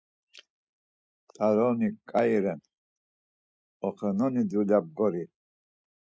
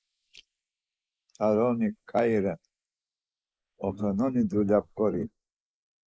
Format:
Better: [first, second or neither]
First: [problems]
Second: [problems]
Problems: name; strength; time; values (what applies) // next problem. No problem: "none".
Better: first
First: none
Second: noise reduction (neural mask model Resemble Enhance denoiser)